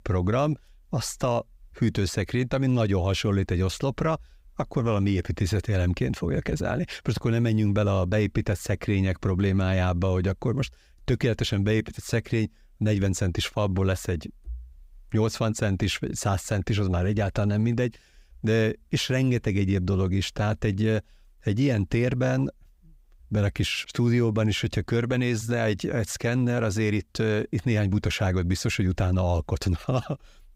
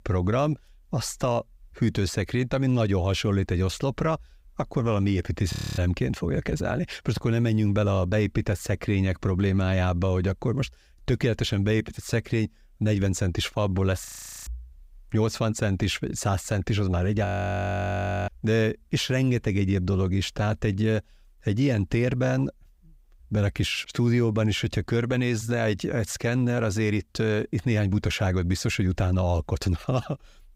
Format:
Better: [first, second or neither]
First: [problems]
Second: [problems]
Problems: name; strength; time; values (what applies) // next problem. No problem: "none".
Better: first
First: none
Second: audio freezing; at 5.5 s, at 14 s and at 17 s for 1 s